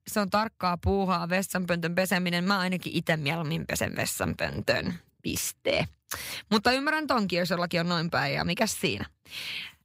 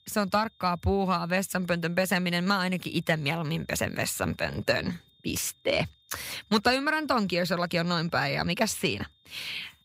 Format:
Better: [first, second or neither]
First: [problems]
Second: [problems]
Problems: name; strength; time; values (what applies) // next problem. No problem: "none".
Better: first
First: none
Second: high-pitched whine; faint; throughout; 3.5 kHz, 35 dB below the speech